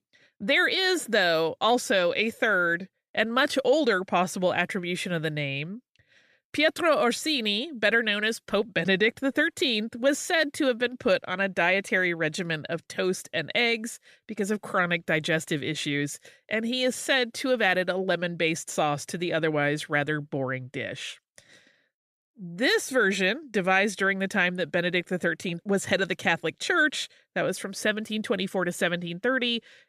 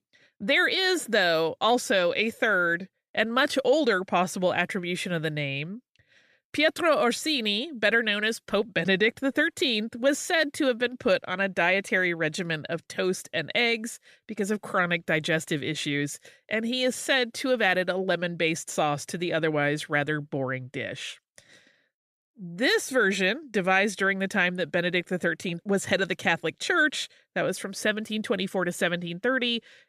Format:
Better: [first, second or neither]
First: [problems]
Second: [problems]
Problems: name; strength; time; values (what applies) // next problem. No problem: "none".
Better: neither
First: none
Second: none